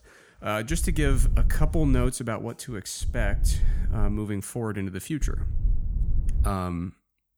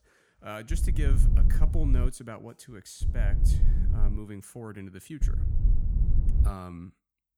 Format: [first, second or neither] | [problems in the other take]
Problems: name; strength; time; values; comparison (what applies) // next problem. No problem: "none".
first | wind noise on the microphone; heavy; from 0.5 to 2 s, from 3 to 4 s and from 5 to 6.5 s; 4 dB below the speech; occasional gusts in the first